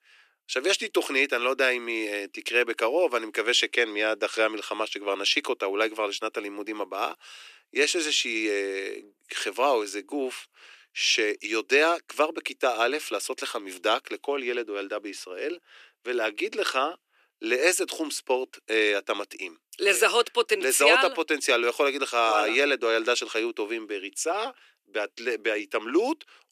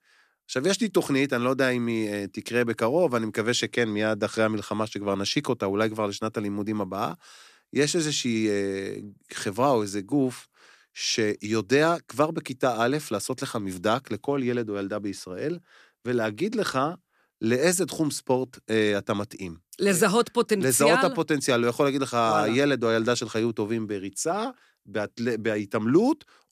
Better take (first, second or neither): second